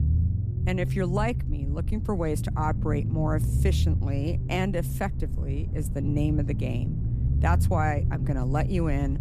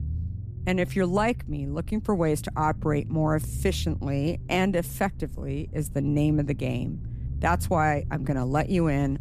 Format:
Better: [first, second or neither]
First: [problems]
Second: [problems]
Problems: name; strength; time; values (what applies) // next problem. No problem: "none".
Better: second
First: low rumble; loud; throughout; 9 dB below the speech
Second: low rumble; faint; throughout; 20 dB below the speech